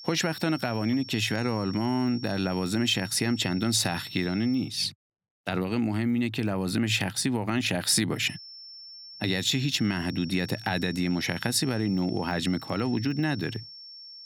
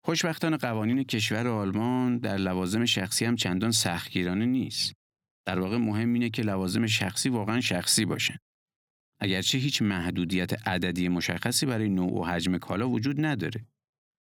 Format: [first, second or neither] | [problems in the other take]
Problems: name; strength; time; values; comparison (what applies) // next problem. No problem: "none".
second | high-pitched whine; noticeable; until 4.5 s and from 8 s on; 5.5 kHz, 15 dB below the speech